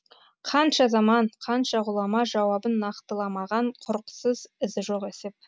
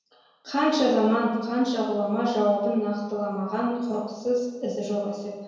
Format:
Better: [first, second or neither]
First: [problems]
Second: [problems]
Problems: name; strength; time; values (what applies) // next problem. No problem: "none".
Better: first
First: none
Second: room echo; dies away in 1.2 s